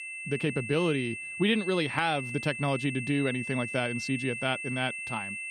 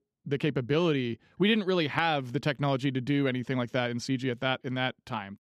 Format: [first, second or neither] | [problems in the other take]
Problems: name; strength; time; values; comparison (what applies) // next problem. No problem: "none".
second | high-pitched whine; loud; throughout; 2.5 kHz, 5 dB below the speech